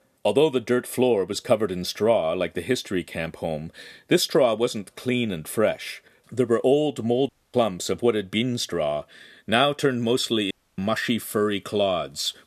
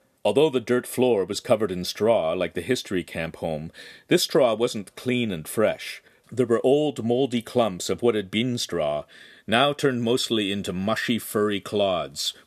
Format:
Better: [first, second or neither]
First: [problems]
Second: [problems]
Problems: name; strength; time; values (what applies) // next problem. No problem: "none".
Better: second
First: audio cutting out; at 7.5 s and at 11 s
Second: none